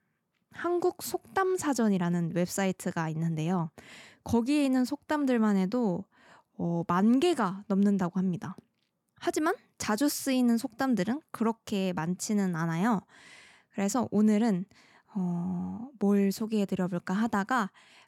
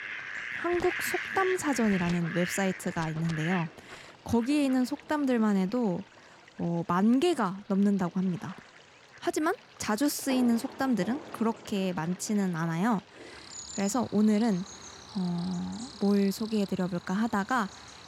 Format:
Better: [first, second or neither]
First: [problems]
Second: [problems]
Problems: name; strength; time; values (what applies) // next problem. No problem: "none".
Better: first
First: none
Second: animal sounds; noticeable; throughout; 10 dB below the speech